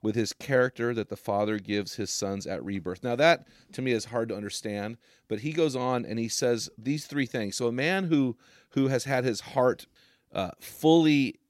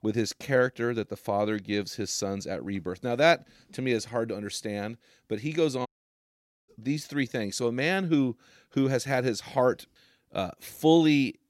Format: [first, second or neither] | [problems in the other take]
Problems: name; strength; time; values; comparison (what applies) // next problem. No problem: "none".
first | audio cutting out; at 6 s for 1 s